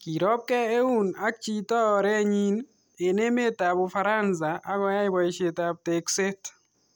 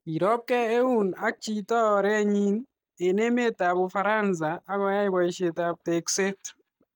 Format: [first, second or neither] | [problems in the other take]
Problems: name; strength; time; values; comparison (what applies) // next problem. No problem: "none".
first | noise reduction (neural mask model DeepFilterNet 3)